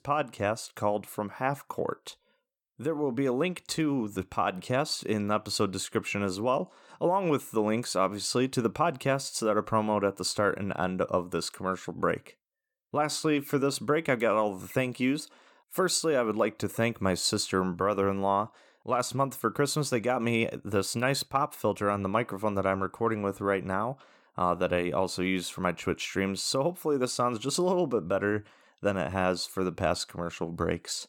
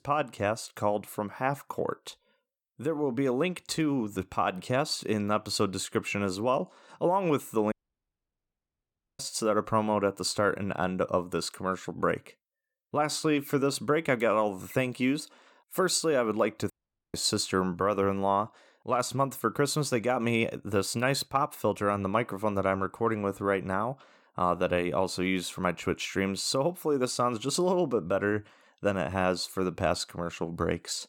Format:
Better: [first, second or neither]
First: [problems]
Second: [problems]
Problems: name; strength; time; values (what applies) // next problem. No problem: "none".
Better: first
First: none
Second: audio cutting out; at 7.5 s for 1.5 s and at 17 s